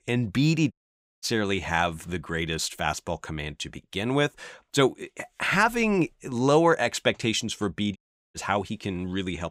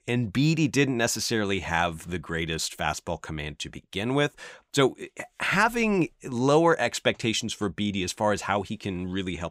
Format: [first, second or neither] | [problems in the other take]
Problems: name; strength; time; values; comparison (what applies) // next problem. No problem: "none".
second | audio cutting out; at 0.5 s for 0.5 s and at 8 s